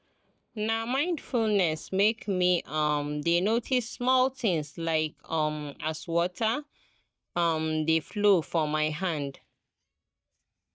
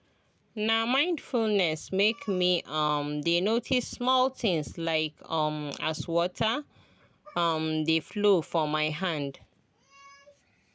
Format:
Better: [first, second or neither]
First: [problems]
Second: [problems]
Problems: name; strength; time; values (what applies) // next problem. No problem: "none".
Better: second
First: noise reduction (neural mask model DeepFilterNet 3)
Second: none